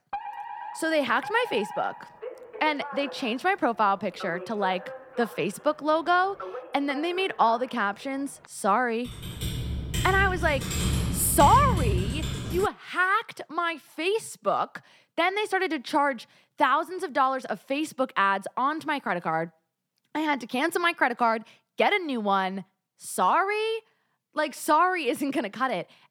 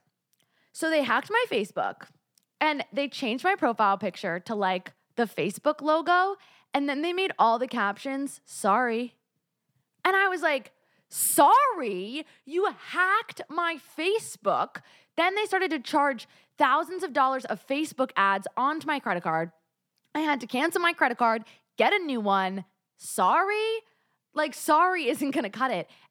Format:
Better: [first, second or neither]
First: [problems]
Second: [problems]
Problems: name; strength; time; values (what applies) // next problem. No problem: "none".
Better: second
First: alarm; noticeable; until 8.5 s; peak 9 dB below the speech // keyboard typing; loud; from 9 to 13 s; peak 1 dB above the speech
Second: none